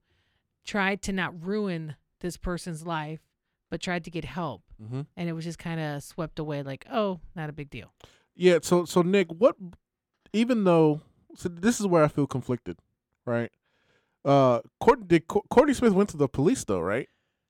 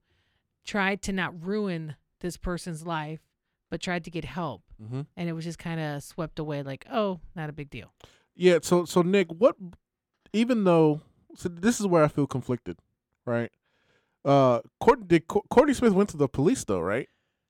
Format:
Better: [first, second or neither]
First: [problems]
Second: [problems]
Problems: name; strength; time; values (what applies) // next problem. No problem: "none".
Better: neither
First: none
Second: none